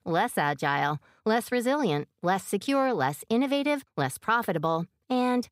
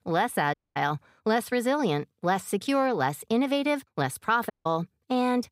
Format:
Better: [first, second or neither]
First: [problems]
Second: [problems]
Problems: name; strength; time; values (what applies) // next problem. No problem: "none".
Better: first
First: none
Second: audio cutting out; at 0.5 s and at 4.5 s